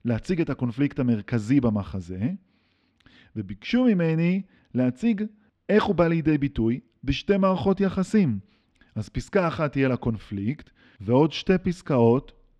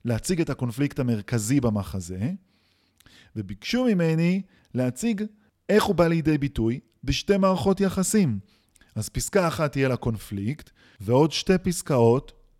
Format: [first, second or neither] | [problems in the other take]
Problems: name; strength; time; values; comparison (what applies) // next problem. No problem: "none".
second | muffled; slightly; fading above 3 kHz